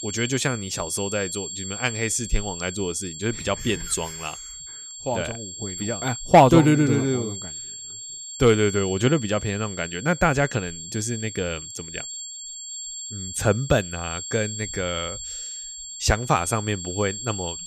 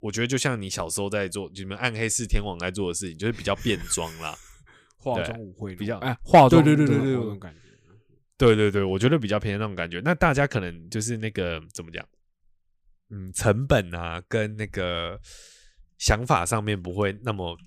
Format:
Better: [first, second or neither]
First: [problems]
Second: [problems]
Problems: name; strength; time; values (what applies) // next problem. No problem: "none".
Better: second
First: high-pitched whine; loud; throughout; 7.5 kHz, 9 dB below the speech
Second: none